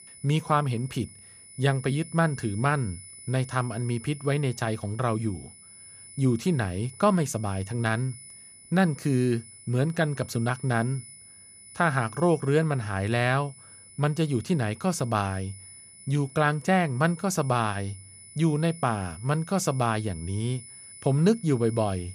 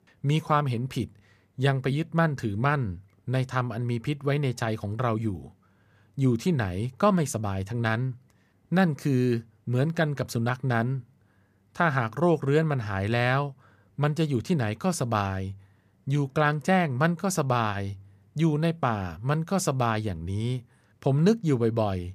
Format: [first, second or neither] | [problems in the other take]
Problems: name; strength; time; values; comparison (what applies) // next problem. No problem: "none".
second | high-pitched whine; noticeable; throughout; 10 kHz, 20 dB below the speech